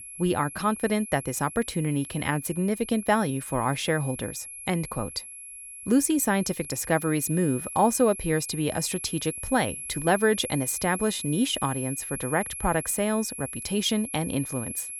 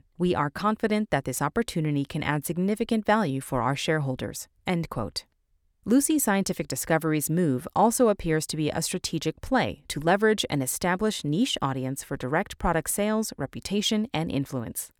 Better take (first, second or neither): second